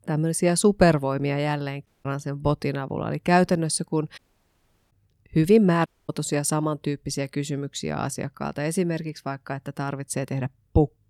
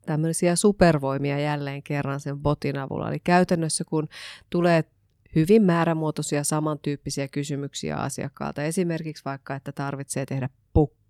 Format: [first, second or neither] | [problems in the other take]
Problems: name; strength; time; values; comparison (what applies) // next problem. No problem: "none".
second | audio cutting out; at 2 s, at 4 s for 0.5 s and at 6 s